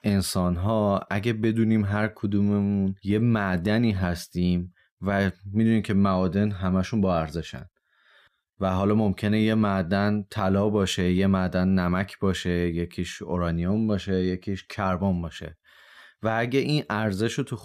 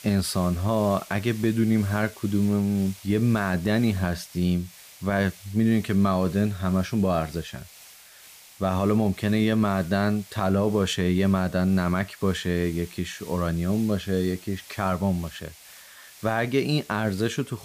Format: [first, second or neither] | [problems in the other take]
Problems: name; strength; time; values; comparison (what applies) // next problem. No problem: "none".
first | hiss; faint; throughout; 20 dB below the speech